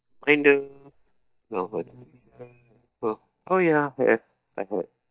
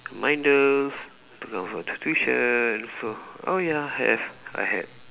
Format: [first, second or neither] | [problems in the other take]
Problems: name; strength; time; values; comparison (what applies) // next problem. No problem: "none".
second | noise reduction (neural mask model DeepFilterNet 3)